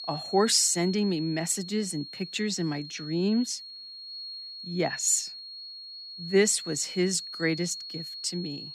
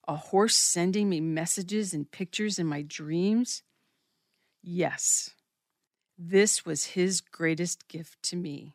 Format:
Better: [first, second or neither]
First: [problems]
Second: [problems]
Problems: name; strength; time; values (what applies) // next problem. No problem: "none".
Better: second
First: high-pitched whine; noticeable; throughout; 4.5 kHz, 10 dB below the speech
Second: none